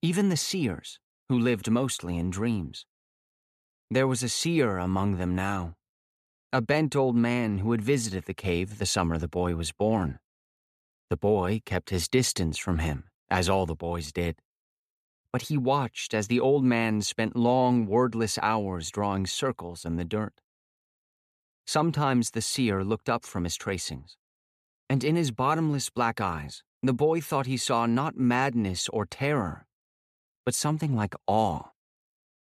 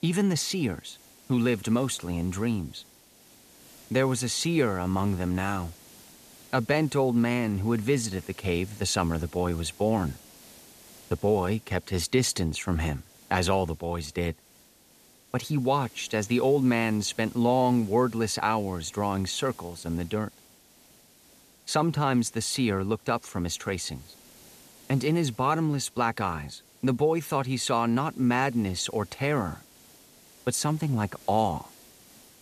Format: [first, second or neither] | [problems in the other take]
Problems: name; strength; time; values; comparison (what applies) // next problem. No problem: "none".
first | hiss; faint; throughout; 25 dB below the speech